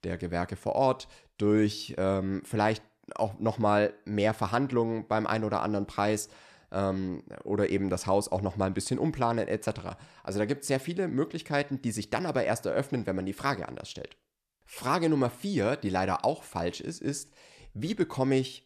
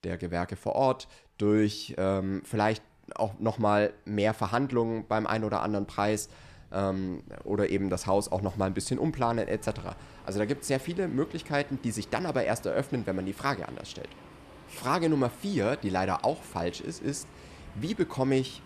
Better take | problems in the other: first | animal sounds; faint; throughout; 20 dB below the speech

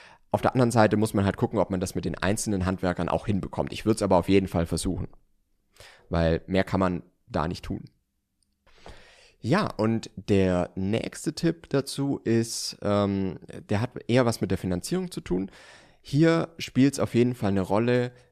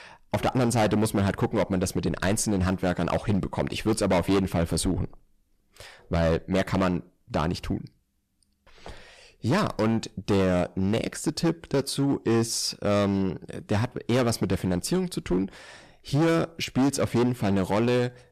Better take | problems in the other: first | distortion; heavy; 11% of the sound clipped

